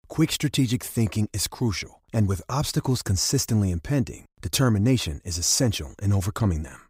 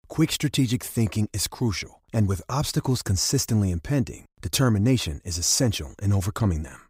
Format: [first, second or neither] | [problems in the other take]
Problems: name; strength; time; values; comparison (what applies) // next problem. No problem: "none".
neither | none